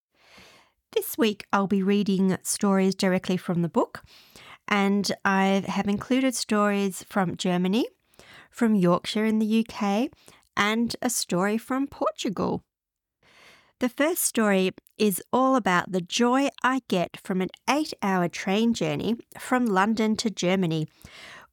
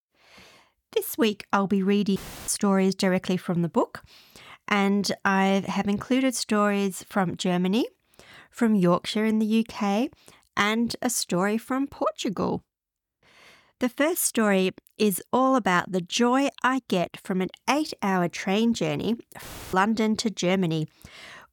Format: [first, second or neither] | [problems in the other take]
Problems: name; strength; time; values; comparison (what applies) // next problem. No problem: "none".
first | audio cutting out; filled with static; at 2 s and at 19 s